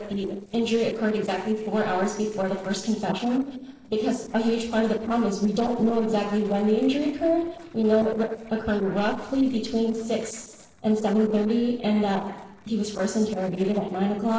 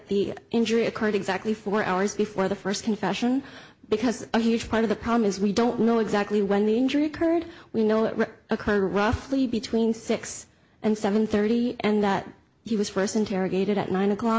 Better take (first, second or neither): second